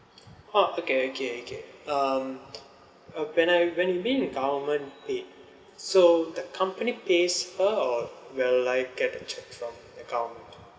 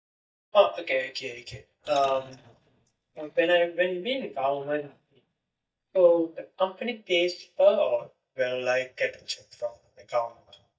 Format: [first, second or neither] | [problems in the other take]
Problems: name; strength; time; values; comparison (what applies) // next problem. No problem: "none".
first | noise reduction (neural mask model DeepFilterNet 3)